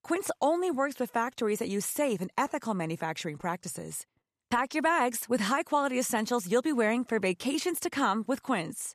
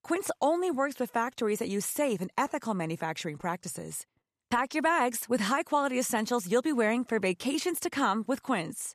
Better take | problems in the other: neither | none

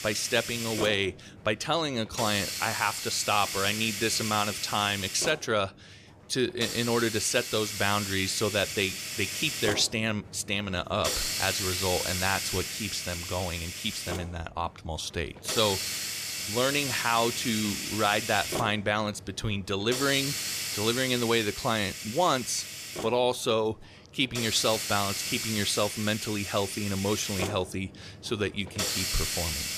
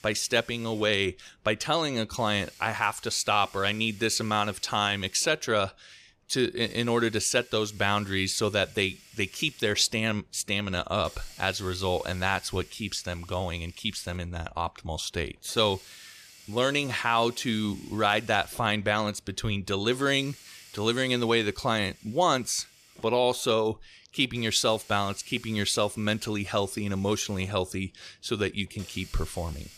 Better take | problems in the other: second | hiss; loud; throughout; 3 dB below the speech; faint in the second

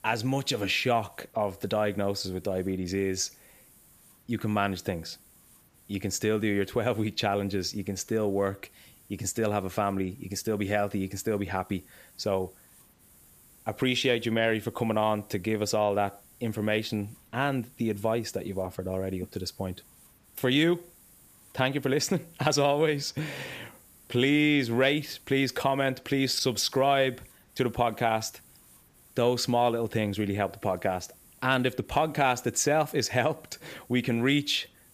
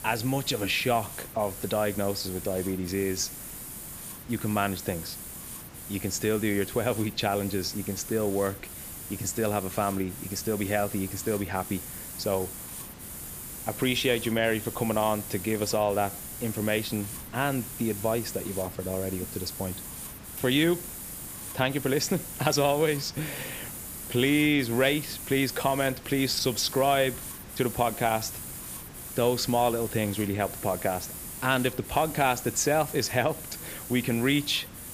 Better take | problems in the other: first | hiss; loud; throughout; 9 dB below the speech; faint in the first

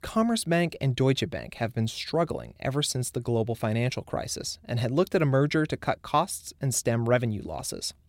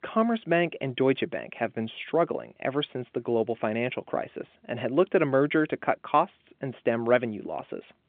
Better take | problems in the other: first | phone-call audio; nothing above 3.5 kHz

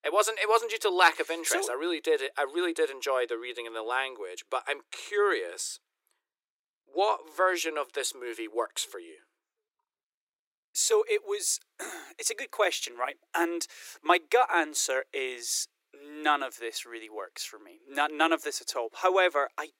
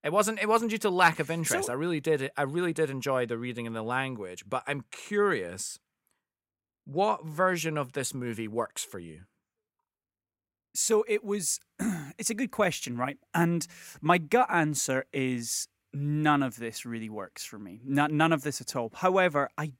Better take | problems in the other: second | thin; very; fading below 350 Hz

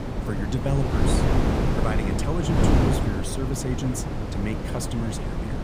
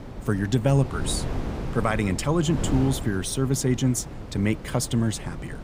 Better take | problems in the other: second | wind noise on the microphone; heavy; 3 dB above the speech; occasional gusts in the second

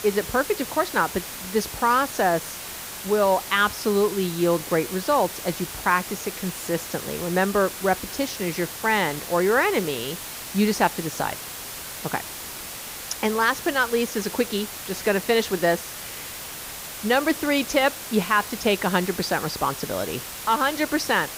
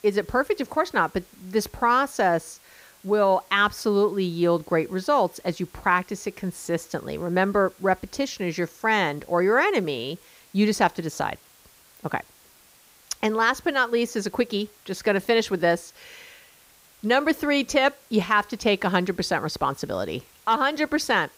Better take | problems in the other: second | hiss; loud; throughout; 9 dB below the speech; faint in the second

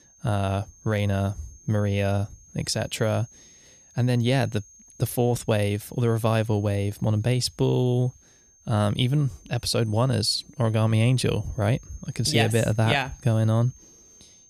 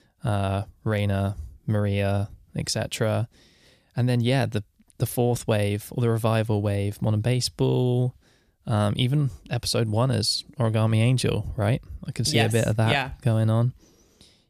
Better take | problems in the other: second | high-pitched whine; faint; throughout; 6.5 kHz, 25 dB below the speech

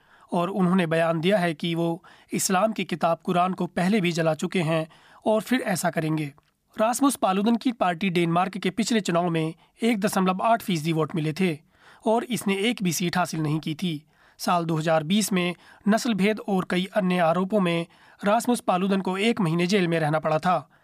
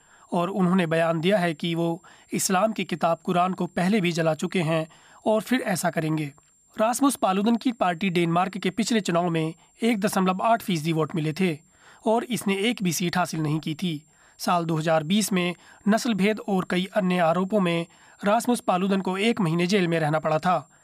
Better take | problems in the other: first | high-pitched whine; faint; throughout; 7.5 kHz, 35 dB below the speech

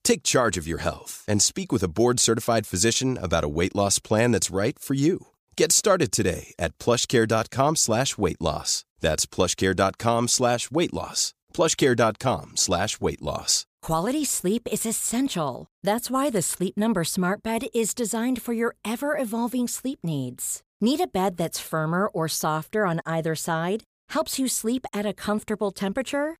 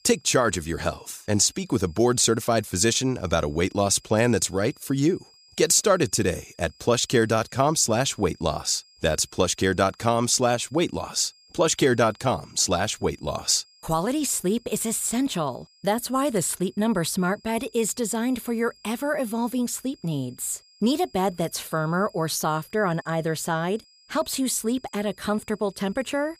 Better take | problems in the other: first | high-pitched whine; faint; throughout; 5 kHz, 30 dB below the speech

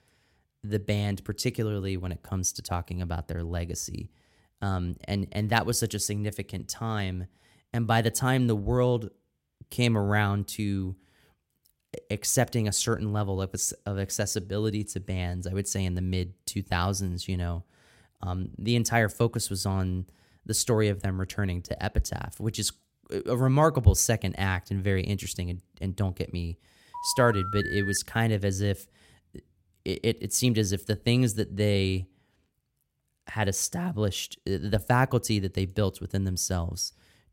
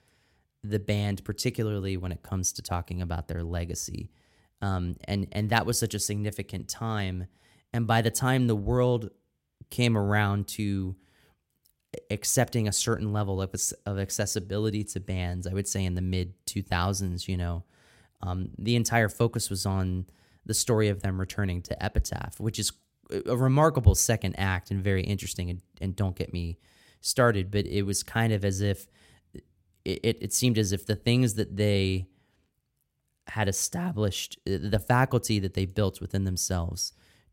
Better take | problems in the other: second | phone ringing; noticeable; from 27 to 28 s; peak 4 dB below the speech

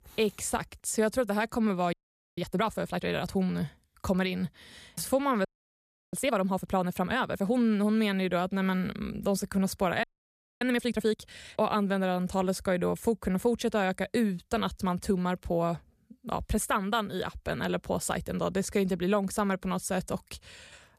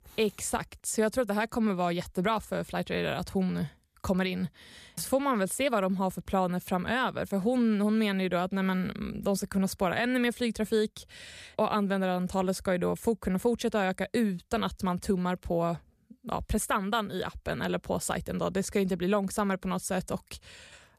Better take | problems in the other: second | audio freezing; at 2 s, at 5.5 s for 0.5 s and at 10 s for 0.5 s

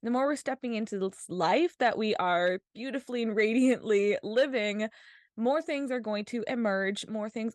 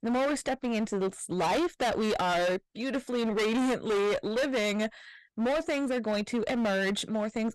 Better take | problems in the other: first | distortion; heavy; 28% of the sound clipped

